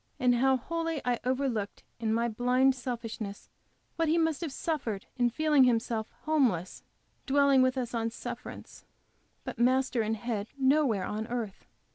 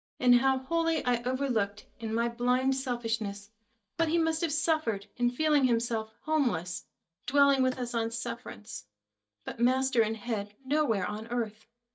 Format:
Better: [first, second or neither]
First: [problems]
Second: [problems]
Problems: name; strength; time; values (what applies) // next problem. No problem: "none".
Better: first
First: none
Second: noise reduction (neural mask model DeepFilterNet 3)